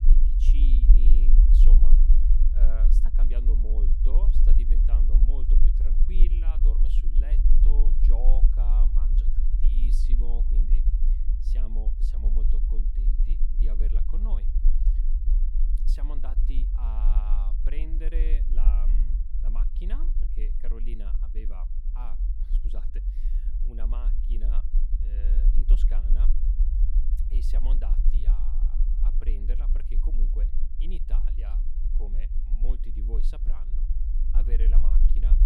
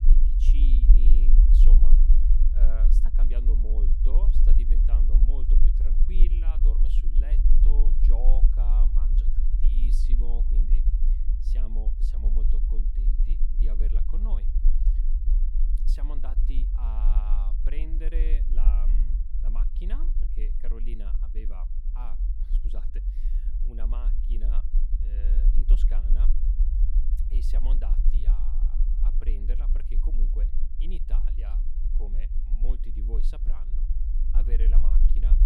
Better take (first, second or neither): neither